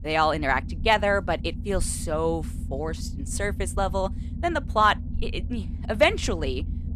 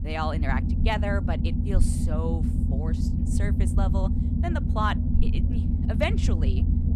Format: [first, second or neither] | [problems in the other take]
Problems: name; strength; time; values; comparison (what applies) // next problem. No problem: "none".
first | low rumble; loud; throughout; 5 dB below the speech; faint in the first